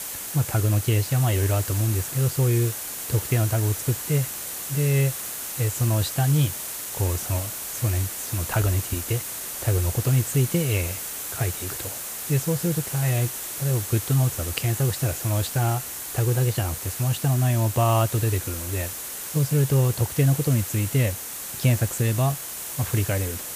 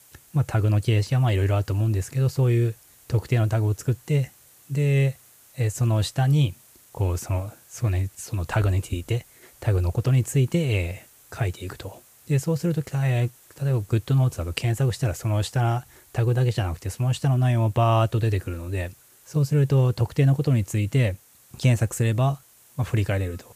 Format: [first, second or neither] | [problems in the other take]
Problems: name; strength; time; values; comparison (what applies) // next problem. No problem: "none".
second | hiss; loud; throughout; 6 dB below the speech; faint in the second